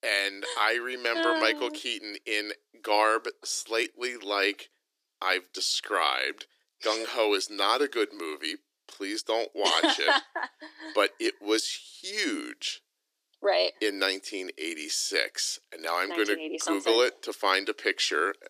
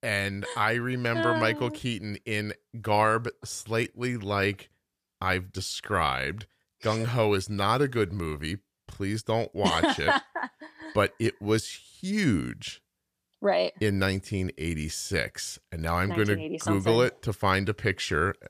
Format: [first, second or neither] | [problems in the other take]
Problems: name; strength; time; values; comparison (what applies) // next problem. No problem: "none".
second | thin; somewhat; fading below 300 Hz